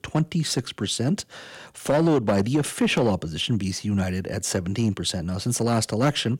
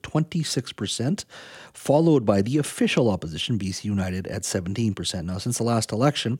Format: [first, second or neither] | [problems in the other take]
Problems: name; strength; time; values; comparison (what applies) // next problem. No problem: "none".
second | distortion; slight; 4% of the sound clipped